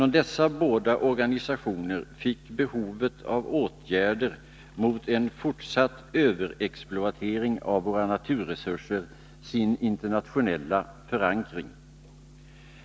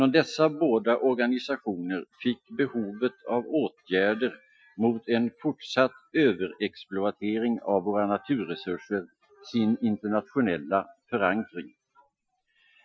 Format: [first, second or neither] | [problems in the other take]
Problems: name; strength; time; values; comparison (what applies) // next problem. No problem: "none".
first | noise reduction (classical method Wiener filter)